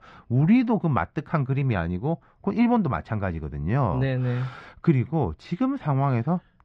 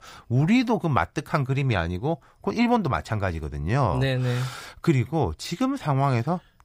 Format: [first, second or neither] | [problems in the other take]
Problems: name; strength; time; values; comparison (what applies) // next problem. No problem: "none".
second | muffled; slightly; fading above 2.5 kHz